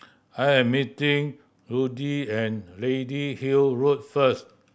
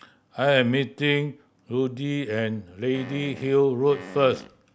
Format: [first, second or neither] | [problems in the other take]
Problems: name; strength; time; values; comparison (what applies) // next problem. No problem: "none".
first | background sound (Fart); 16 dB below the speech